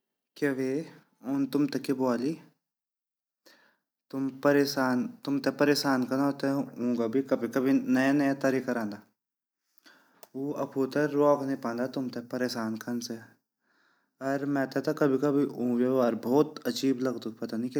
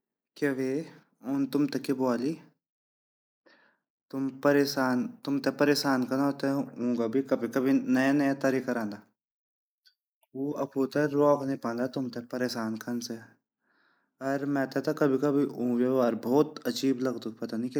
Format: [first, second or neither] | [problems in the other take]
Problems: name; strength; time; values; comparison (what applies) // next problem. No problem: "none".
first | noise reduction (neural mask model Resemble Enhance denoiser)